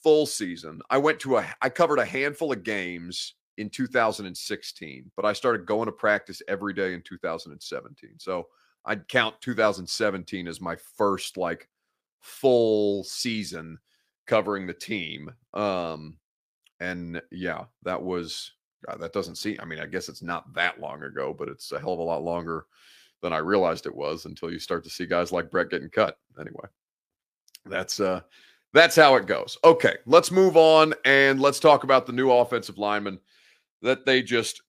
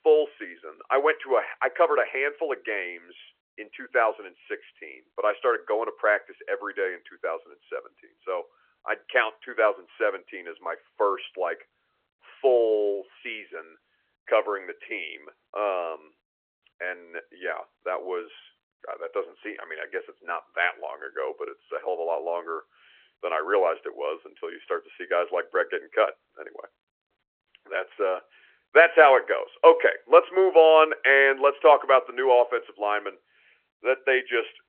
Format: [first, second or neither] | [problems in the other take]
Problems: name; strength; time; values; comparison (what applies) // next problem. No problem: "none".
first | phone-call audio